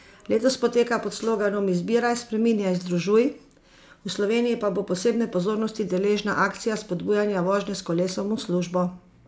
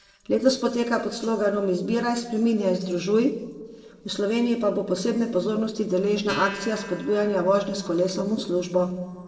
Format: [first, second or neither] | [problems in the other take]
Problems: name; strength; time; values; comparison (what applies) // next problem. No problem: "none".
first | noise reduction (neural separator model SepFormer DNS4)